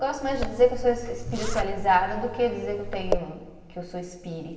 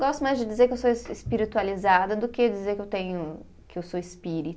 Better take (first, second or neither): second